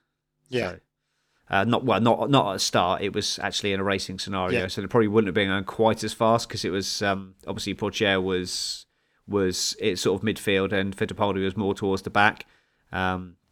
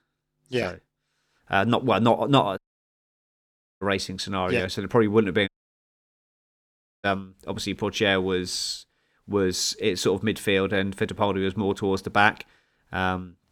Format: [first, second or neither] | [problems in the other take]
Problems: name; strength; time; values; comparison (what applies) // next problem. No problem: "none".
first | audio cutting out; at 2.5 s for 1 s and at 5.5 s for 1.5 s